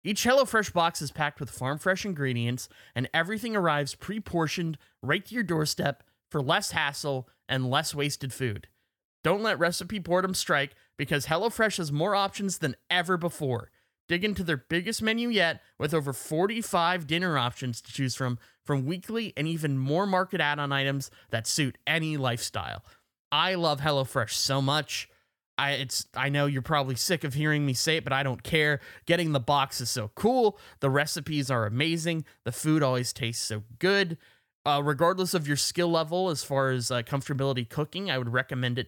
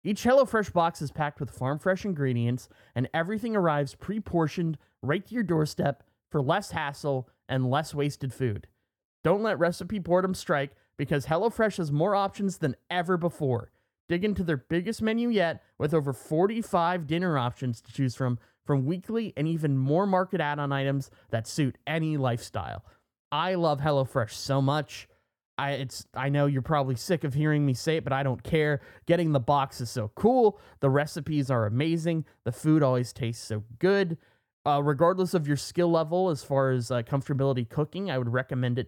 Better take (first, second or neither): first